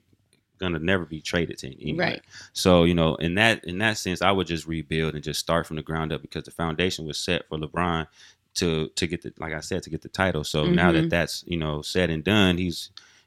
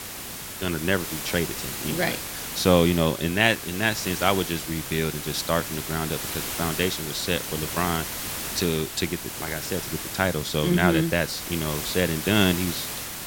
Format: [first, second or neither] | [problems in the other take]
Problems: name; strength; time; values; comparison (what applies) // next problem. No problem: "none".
first | hiss; loud; throughout; 5 dB below the speech